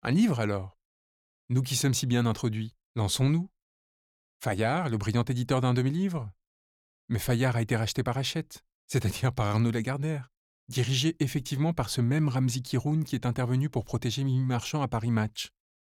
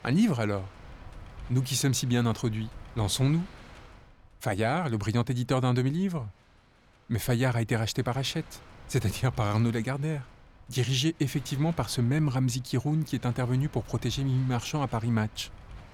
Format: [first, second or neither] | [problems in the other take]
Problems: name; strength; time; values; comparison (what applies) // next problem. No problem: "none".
first | wind noise on the microphone; occasional gusts; 20 dB below the speech